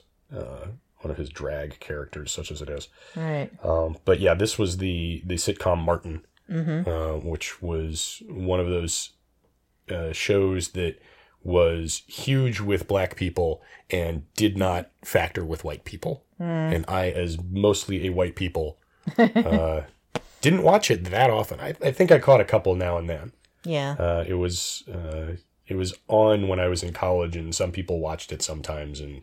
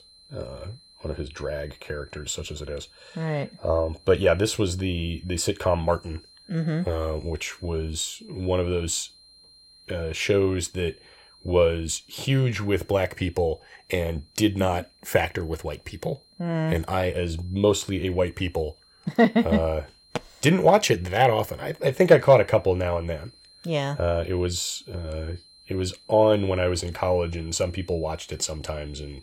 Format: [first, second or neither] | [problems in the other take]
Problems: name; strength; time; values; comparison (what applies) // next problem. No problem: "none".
first | high-pitched whine; faint; throughout; 4 kHz, 25 dB below the speech